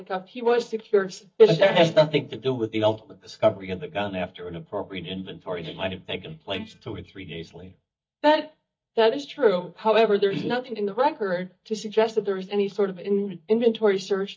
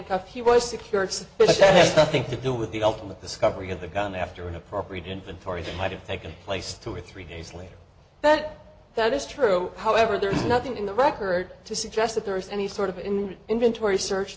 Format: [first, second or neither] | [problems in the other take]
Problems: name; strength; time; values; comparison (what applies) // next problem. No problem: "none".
second | noise reduction (neural mask model DeepFilterNet 3)